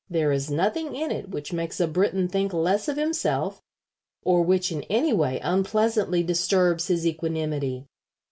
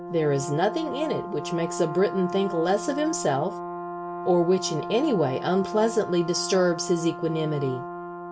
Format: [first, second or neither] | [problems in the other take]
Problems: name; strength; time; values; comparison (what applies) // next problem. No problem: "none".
first | background sound (Brass instrument); 8 dB below the speech